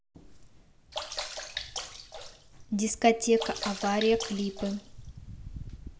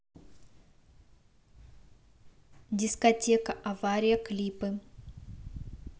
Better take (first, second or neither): second